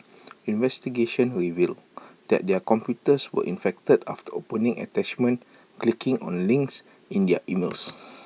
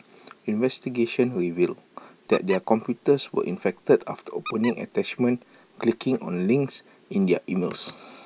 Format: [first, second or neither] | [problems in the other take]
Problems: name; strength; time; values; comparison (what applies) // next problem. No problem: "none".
first | background sound (Squeak); 17 dB below the speech